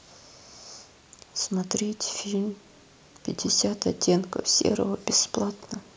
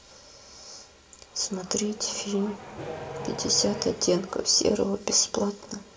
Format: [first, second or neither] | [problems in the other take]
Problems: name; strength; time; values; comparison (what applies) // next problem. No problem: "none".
first | background sound (Accelerating, revving, vroom); 11 dB below the speech // room echo; dies away in 0.1 s